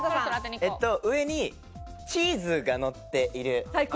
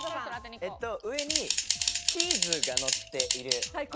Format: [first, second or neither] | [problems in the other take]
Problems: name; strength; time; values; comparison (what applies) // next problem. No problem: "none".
first | background sound (Typing); 5 dB above the speech